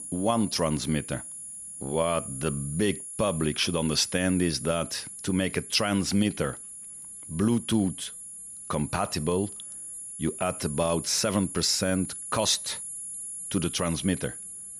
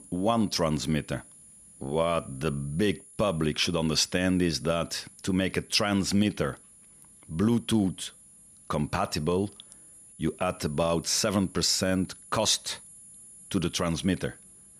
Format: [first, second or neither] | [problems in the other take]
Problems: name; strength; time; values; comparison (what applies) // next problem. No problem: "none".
second | high-pitched whine; loud; throughout; 11 kHz, 9 dB below the speech; faint in the second